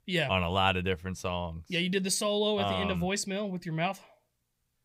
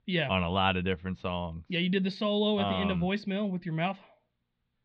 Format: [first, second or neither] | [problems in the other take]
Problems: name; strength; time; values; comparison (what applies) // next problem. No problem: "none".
first | muffled; slightly; fading above 4 kHz